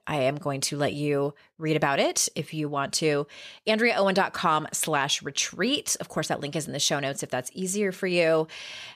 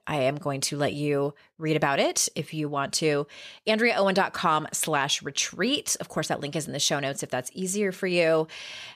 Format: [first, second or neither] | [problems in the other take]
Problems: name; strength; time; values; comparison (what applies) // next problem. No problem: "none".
neither | none